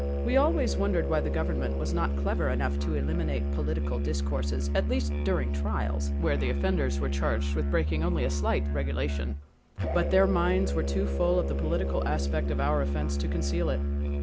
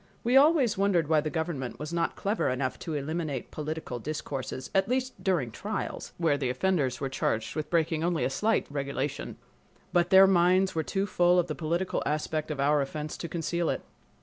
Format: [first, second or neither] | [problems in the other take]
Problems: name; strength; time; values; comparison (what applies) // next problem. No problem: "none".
second | background sound (Musical instrument); 3 dB above the speech